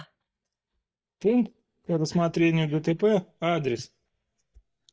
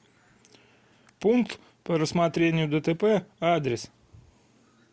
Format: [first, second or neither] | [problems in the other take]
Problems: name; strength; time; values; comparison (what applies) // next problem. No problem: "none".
second | noise reduction (neural mask model DeepFilterNet 3)